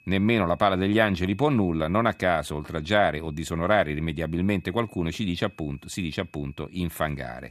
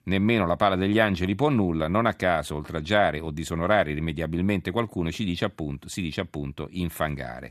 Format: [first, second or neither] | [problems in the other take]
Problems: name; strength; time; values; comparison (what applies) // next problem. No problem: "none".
second | high-pitched whine; faint; throughout; 2.5 kHz, 30 dB below the speech